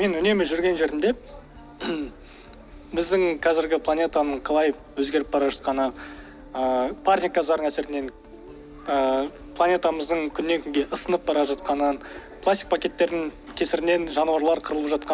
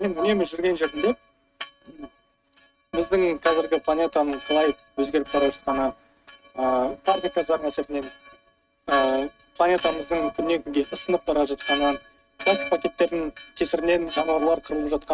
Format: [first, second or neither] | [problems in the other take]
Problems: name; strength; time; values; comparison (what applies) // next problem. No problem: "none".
first | noise reduction (neural mask model RNNoise)